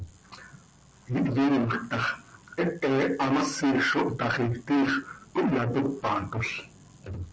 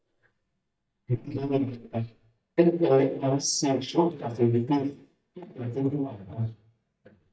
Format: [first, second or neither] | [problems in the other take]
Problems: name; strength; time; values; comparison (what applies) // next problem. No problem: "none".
first | noise reduction (neural mask model DeepFilterNet 3)